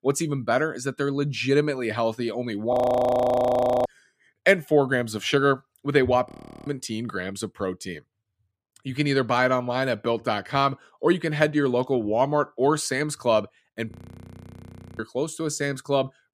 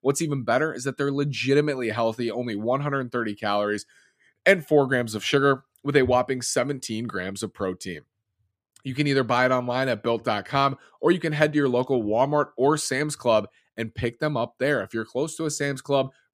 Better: second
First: audio freezing; at 2.5 s for 1 s, at 6.5 s and at 14 s for 1 s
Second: none

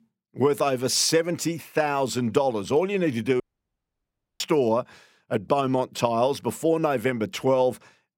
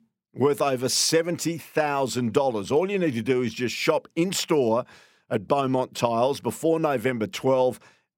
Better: second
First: audio cutting out; at 3.5 s for 1 s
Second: none

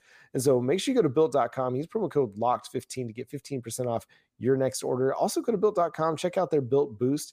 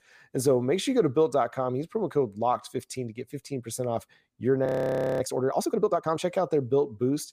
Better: first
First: none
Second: audio freezing; at 4.5 s for 0.5 s

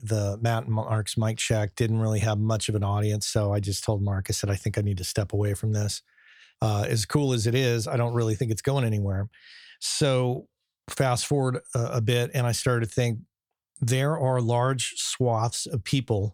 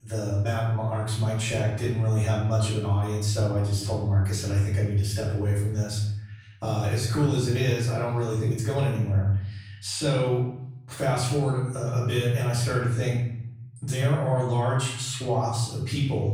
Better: first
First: none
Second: off-mic speech; far // room echo; noticeable; dies away in 0.8 s

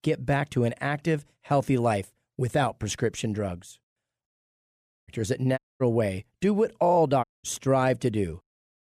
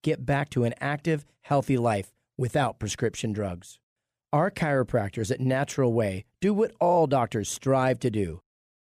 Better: second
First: audio cutting out; at 4.5 s for 1 s, at 5.5 s and at 7 s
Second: none

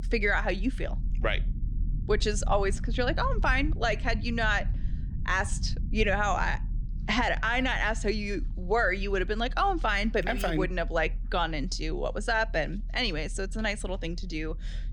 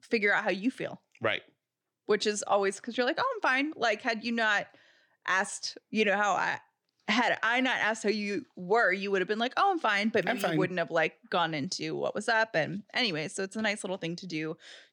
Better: second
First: low rumble; faint; throughout; 25 dB below the speech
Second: none

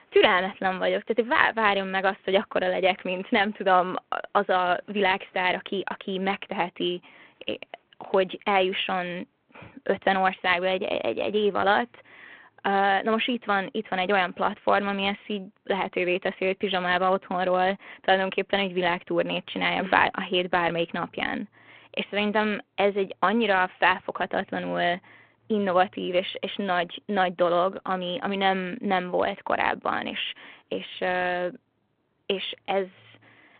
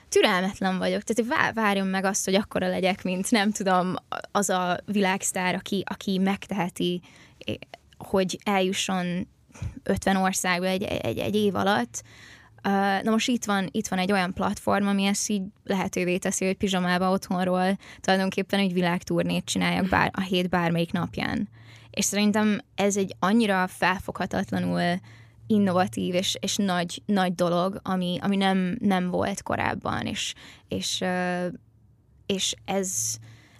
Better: second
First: phone-call audio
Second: none

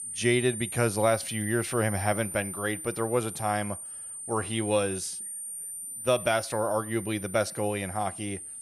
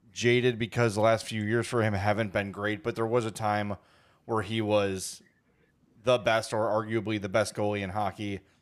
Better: second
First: high-pitched whine; loud; throughout; 9 kHz, 7 dB below the speech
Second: none

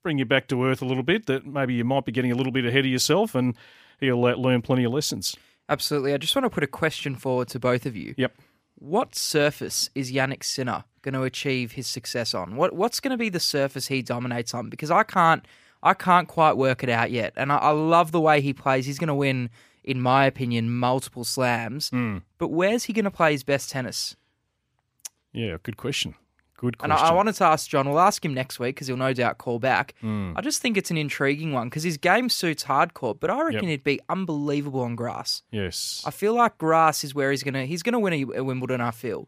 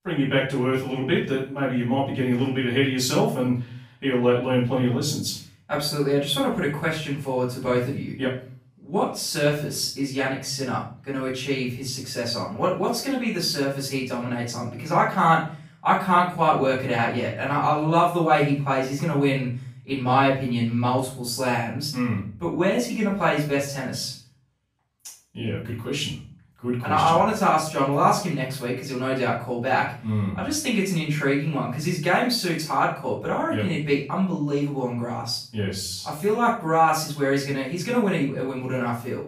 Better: first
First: none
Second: off-mic speech; far // room echo; noticeable; dies away in 0.4 s

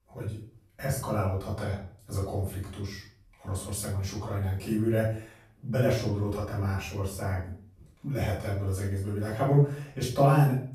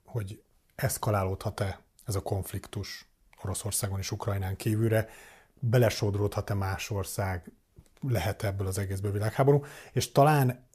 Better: second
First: room echo; noticeable; dies away in 0.4 s // off-mic speech; far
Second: none

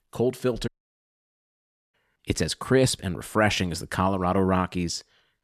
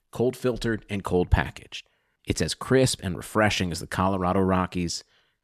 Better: second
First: audio cutting out; at 0.5 s for 1.5 s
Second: none

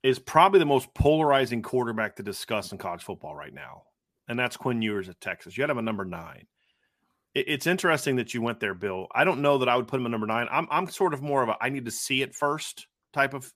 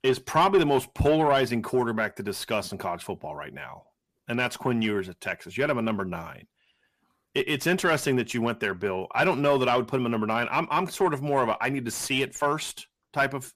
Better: first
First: none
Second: distortion; slight; 10 dB below the speech

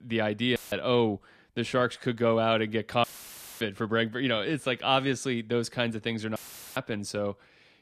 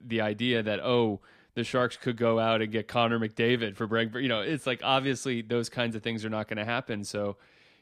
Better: second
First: audio cutting out; filled with static; at 0.5 s, at 3 s for 0.5 s and at 6.5 s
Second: none

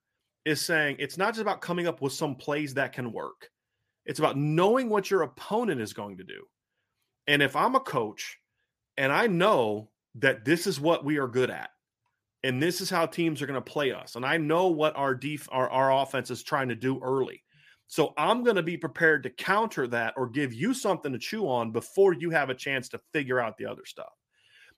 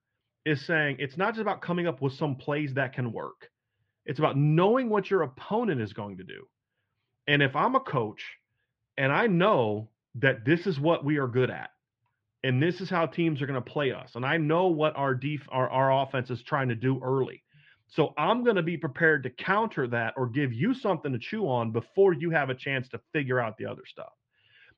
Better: first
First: none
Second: muffled; slightly; fading above 3.5 kHz

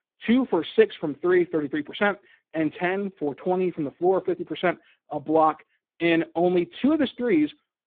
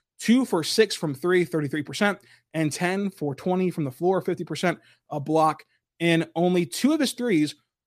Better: second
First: phone-call audio; poor line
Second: none

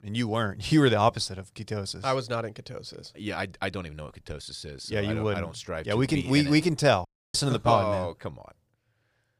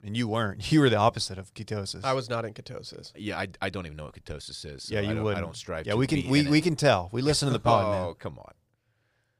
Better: second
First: audio cutting out; at 7 s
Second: none

